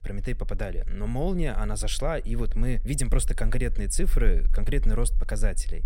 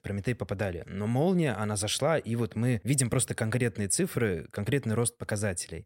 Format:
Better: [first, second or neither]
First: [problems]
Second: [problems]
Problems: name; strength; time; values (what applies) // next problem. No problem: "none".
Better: second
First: low rumble; faint; throughout; 25 dB below the speech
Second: none